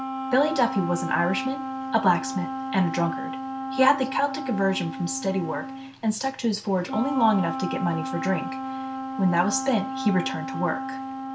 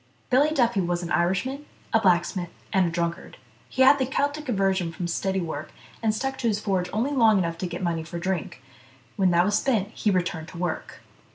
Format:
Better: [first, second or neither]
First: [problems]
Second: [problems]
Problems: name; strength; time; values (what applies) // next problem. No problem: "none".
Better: second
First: background sound (Wind instrument, woodwind instrument); 6 dB below the speech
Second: none